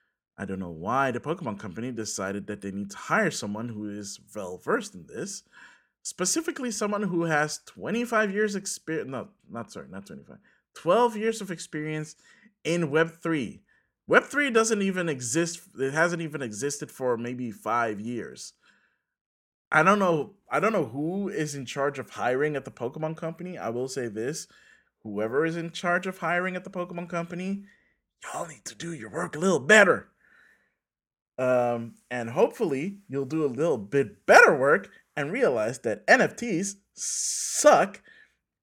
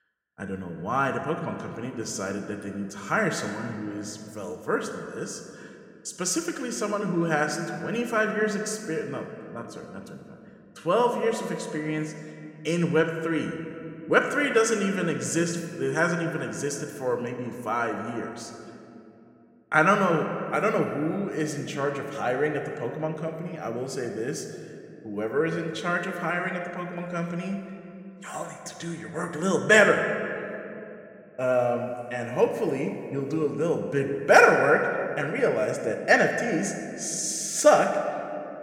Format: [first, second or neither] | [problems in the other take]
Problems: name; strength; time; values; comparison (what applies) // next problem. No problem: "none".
first | room echo; slight; dies away in 2 s